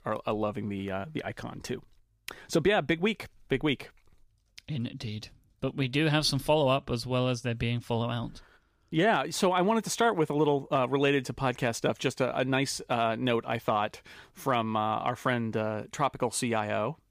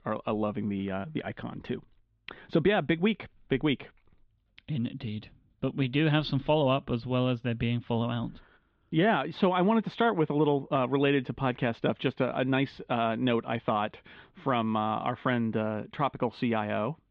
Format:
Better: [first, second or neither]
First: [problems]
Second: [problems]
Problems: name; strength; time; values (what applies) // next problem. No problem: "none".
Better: first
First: none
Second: muffled; very; fading above 3.5 kHz